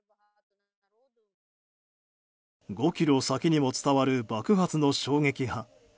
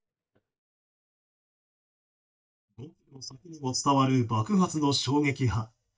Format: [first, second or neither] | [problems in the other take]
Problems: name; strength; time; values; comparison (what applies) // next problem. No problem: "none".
first | noise reduction (neural mask model DeepFilterNet 3)